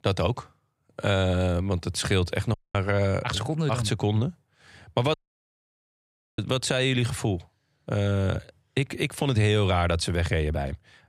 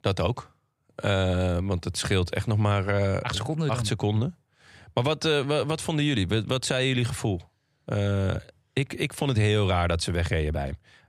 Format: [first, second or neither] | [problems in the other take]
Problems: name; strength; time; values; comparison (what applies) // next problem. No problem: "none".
second | audio cutting out; at 2.5 s and at 5 s for 1 s